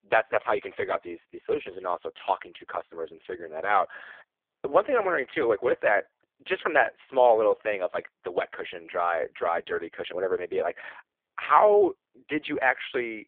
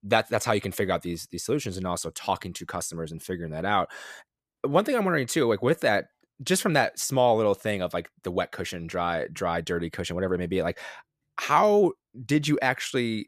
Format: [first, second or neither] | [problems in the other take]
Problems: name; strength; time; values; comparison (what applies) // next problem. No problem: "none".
second | phone-call audio; poor line